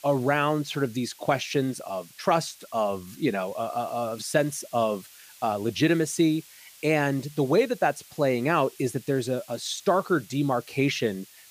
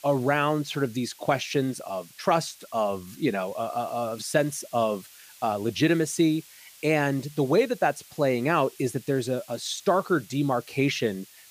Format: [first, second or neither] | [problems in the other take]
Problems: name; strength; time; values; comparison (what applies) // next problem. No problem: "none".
neither | hiss; faint; throughout; 20 dB below the speech; the same in both